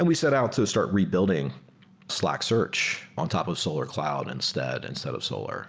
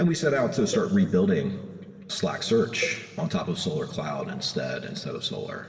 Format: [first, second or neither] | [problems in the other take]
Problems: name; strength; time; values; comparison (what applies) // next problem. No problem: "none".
first | background sound (Cowbell); 15 dB below the speech // room echo; dies away in 2 s